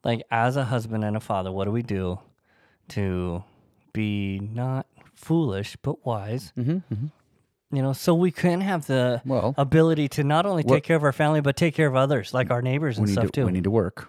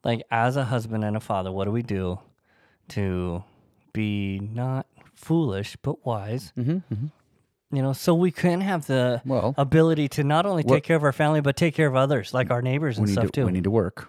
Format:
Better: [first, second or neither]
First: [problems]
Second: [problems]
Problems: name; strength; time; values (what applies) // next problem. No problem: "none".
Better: neither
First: none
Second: none